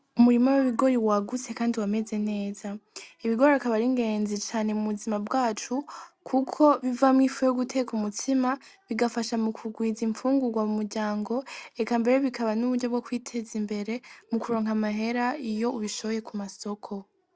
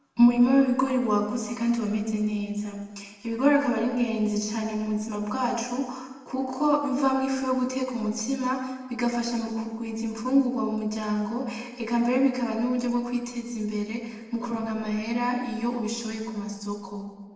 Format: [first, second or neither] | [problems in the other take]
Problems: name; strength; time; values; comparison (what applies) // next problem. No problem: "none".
first | room echo; dies away in 1.1 s